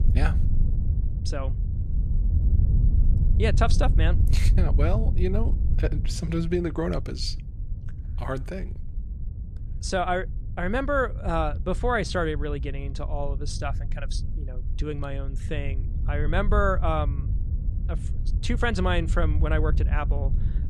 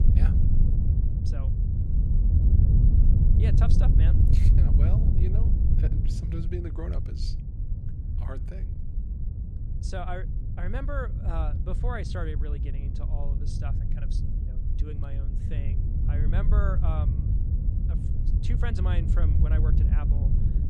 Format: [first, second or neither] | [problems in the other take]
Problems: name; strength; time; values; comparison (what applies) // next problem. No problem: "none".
first | wind noise on the microphone; heavy; 1 dB below the speech; occasional gusts in the first